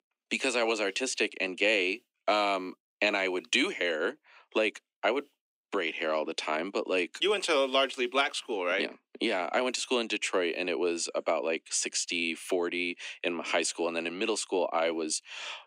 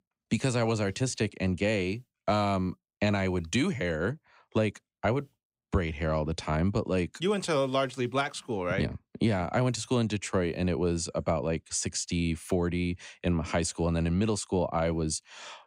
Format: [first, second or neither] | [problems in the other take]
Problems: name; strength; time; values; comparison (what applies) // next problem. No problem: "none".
second | thin; somewhat; fading below 300 Hz